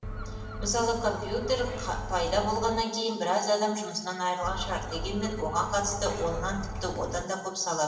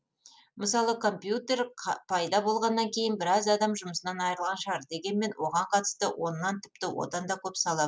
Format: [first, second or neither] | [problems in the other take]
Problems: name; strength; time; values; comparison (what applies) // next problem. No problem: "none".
second | background sound (Gull, seagull); 6 dB below the speech // room echo; dies away in 1.4 s